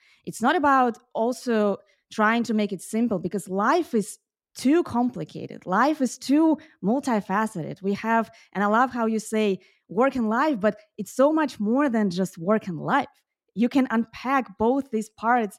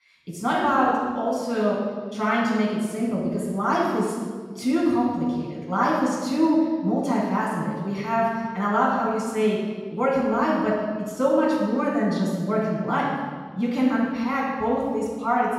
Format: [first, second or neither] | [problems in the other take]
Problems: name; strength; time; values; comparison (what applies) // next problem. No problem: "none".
first | room echo; strong; dies away in 1.5 s // off-mic speech; far